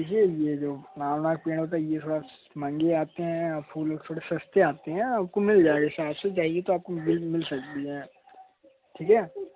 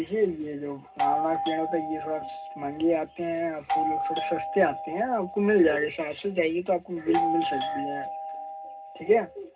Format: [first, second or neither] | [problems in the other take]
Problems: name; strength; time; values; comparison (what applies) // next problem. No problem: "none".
first | background sound (Doorbell); 4 dB below the speech // room echo; dies away in 0.2 s